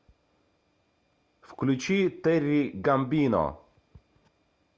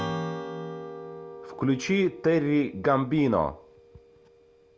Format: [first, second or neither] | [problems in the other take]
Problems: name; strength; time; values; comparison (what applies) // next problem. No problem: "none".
first | background sound (Strum); 11 dB below the speech